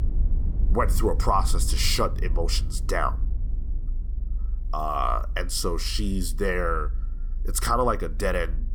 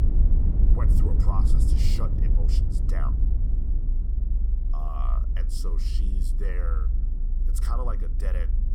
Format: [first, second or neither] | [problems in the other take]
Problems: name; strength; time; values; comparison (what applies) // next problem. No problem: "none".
first | low rumble; loud; throughout; 4 dB below the speech; faint in the first